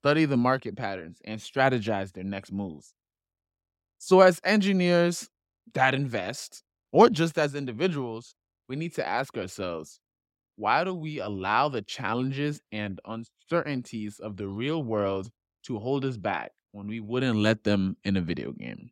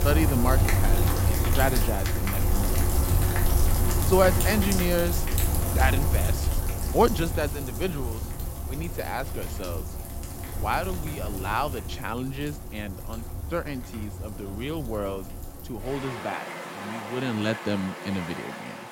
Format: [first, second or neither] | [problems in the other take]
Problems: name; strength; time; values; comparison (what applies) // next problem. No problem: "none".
first | rain or running water; very loud; throughout; 1 dB above the speech